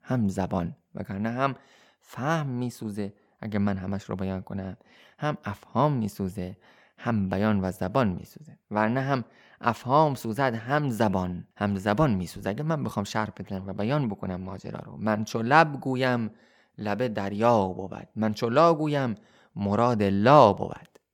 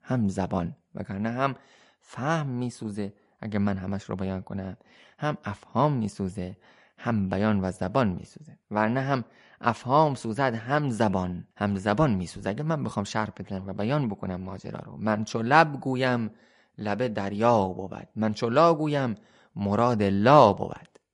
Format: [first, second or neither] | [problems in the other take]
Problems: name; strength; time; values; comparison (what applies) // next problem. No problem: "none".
first | garbled, watery; slightly; nothing above 11 kHz